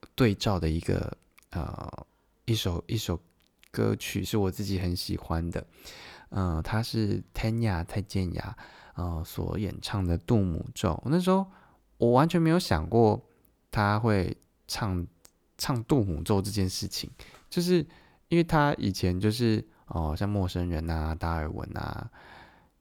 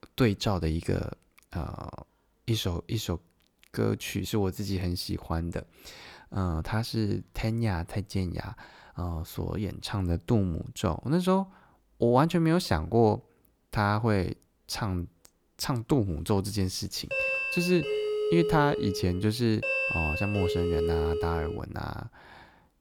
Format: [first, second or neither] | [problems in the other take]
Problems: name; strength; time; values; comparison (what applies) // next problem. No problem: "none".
first | doorbell; loud; from 17 to 22 s; peak 3 dB above the speech